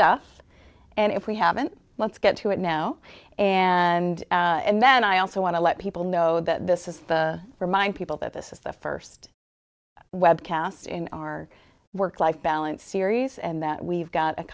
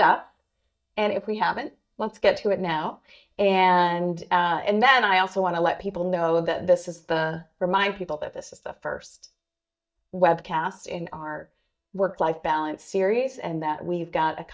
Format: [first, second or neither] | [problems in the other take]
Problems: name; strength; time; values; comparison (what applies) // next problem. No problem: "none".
first | noise reduction (neural mask model DeepFilterNet 3)